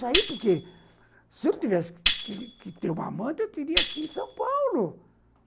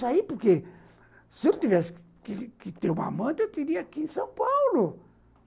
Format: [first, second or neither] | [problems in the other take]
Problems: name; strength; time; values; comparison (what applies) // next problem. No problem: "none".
second | background sound (Tambourine); 2 dB below the speech